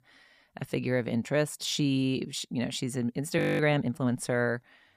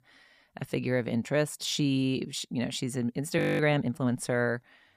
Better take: neither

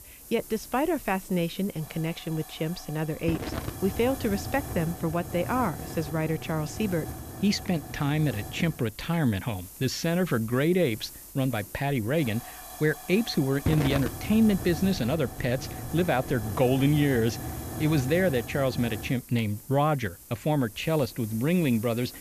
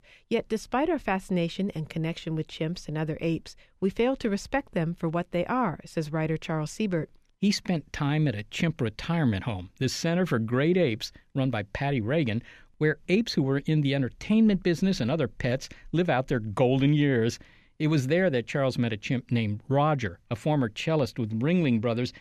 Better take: second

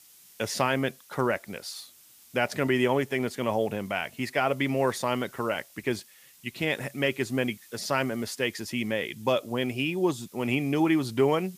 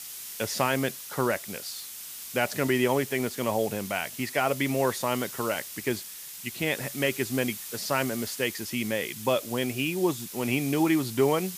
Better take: first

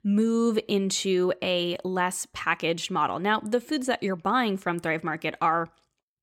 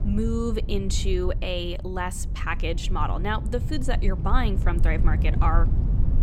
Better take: first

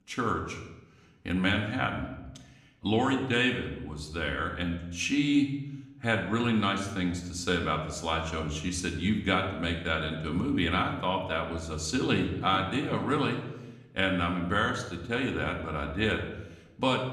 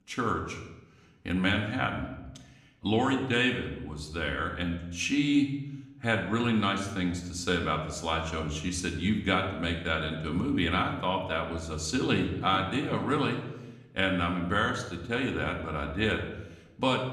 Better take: neither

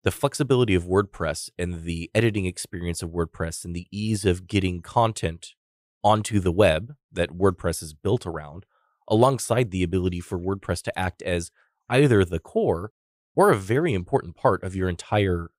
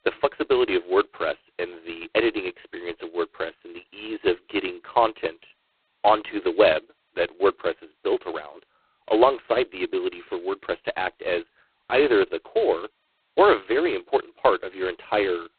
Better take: first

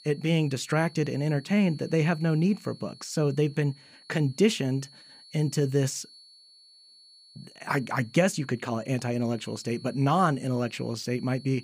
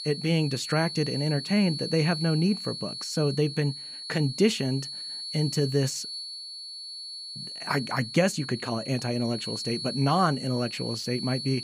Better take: first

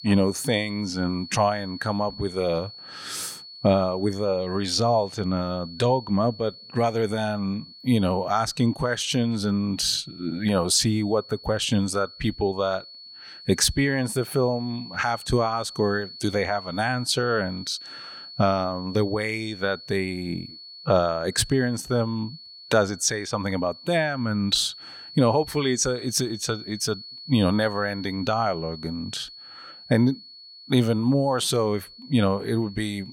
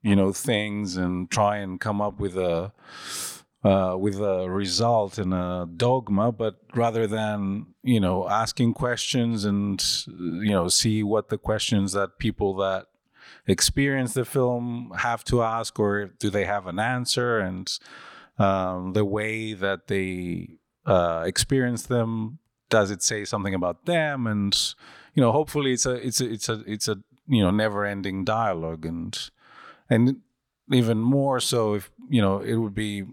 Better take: second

